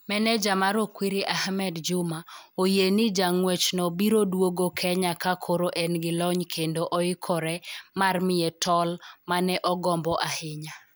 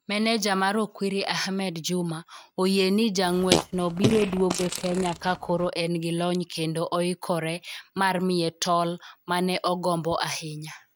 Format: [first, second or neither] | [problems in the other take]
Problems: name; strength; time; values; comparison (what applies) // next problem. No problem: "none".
first | noise reduction (neural mask model RNNoise)